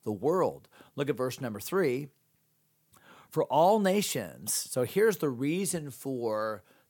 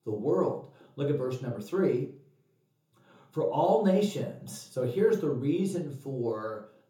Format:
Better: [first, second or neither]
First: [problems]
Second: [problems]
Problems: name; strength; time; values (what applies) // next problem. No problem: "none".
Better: first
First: none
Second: room echo; noticeable; dies away in 0.7 s // off-mic speech; far